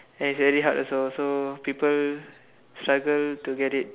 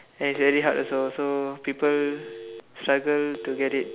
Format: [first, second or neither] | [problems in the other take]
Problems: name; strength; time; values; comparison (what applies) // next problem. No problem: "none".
first | background sound (Telephone); 15 dB below the speech